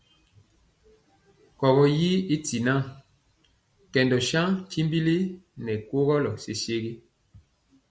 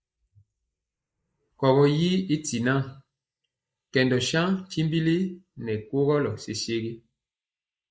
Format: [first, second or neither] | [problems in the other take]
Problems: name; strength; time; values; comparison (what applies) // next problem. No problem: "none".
first | noise reduction (neural mask model Resemble Enhance denoiser)